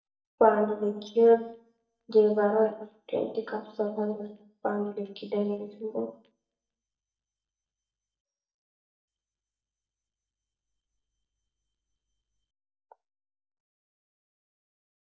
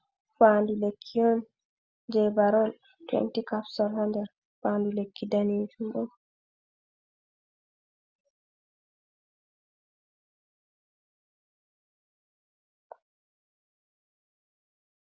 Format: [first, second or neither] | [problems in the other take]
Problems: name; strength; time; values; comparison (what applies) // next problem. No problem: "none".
second | noise reduction (neural mask model DeepFilterNet 3)